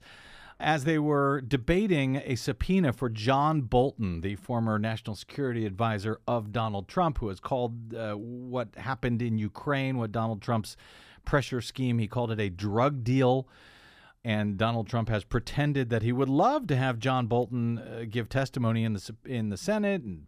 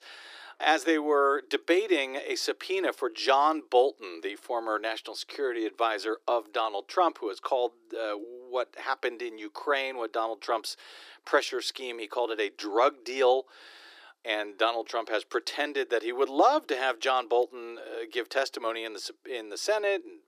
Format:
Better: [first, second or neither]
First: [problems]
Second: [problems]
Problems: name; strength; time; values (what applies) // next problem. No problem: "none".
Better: first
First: none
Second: thin; very; fading below 300 Hz